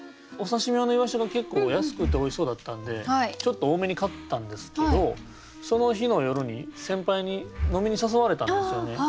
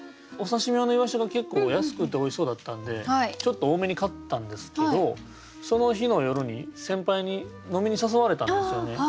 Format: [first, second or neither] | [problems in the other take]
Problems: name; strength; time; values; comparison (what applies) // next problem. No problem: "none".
second | background sound (Breathing); 10 dB below the speech